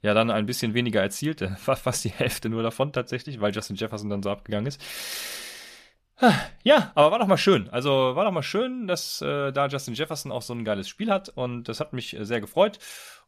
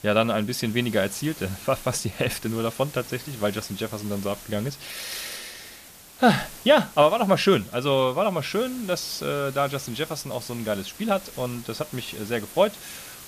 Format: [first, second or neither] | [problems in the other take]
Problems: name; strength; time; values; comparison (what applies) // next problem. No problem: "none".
first | hiss; noticeable; throughout; 15 dB below the speech